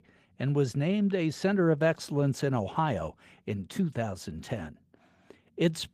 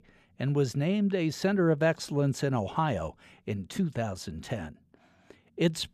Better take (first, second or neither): second